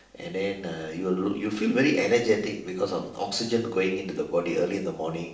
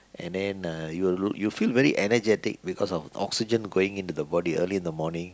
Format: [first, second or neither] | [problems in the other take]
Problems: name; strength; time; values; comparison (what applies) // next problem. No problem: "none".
second | room echo; dies away in 0.6 s